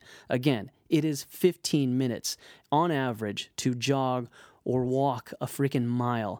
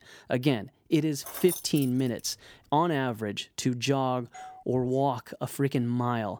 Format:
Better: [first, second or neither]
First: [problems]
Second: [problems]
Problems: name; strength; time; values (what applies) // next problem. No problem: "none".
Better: first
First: none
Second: jangling keys; noticeable; at 1.5 s; peak 6 dB below the speech // doorbell; faint; at 4.5 s; peak 20 dB below the speech